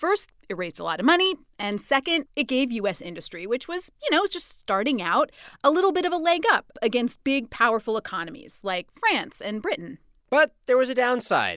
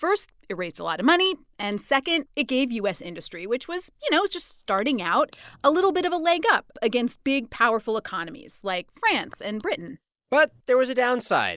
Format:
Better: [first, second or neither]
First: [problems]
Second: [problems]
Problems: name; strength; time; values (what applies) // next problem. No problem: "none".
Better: first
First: none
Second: noise reduction (neural mask model Resemble Enhance denoiser)